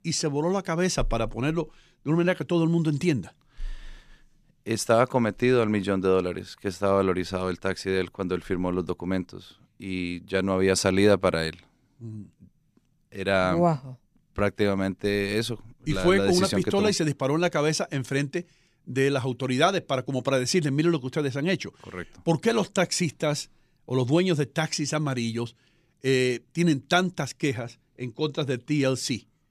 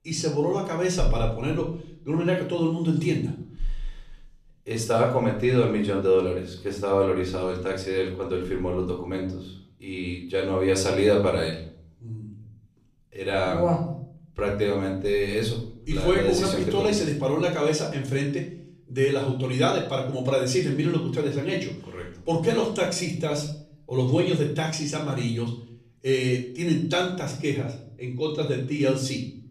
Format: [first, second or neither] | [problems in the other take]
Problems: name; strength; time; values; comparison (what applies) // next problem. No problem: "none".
first | room echo; slight; dies away in 0.5 s // off-mic speech; far